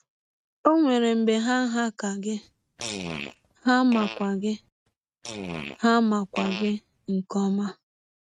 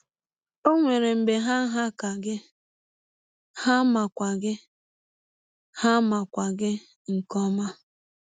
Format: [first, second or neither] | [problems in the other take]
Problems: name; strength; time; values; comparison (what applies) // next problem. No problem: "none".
second | noise reduction (neural mask model RNNoise)